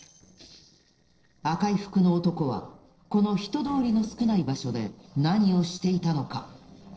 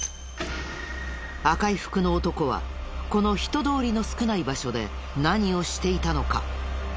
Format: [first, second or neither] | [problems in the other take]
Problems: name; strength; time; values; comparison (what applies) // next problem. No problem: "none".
second | noise reduction (neural separator model SepFormer DNS4)